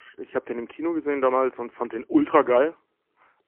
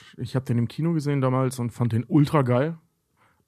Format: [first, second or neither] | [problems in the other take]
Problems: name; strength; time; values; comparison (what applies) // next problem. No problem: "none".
second | phone-call audio; poor line